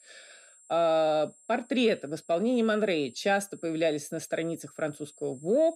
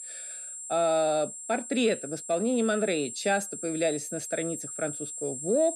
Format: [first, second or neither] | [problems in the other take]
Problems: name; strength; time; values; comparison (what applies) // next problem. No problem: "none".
first | high-pitched whine; loud; throughout; 7.5 kHz, 8 dB below the speech; faint in the first